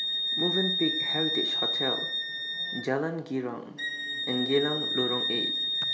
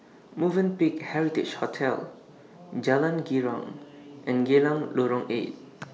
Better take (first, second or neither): second